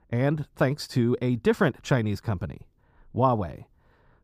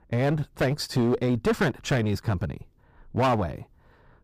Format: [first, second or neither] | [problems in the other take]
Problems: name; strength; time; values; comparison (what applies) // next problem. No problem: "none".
first | distortion; heavy; 10% of the sound clipped